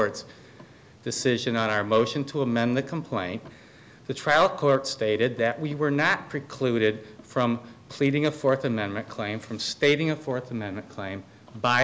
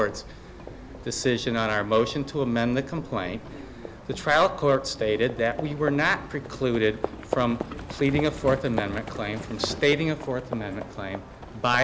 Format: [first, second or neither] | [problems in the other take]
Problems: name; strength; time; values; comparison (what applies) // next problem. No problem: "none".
first | background sound (Livestock, farm animals, working animals); 11 dB below the speech